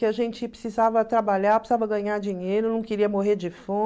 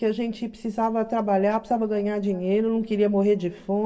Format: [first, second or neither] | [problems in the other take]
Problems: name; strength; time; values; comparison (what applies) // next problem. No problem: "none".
first | room echo; dies away in 2.3 s